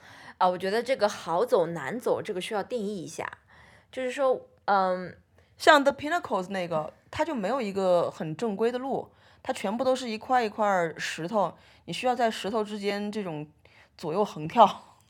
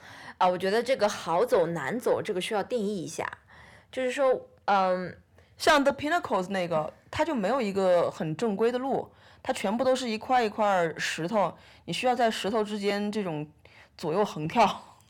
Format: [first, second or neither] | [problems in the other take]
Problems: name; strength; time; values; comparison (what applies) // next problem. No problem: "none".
first | distortion; slight; 10 dB below the speech